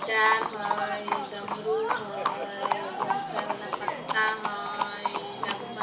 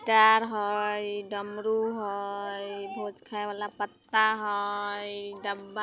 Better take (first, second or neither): second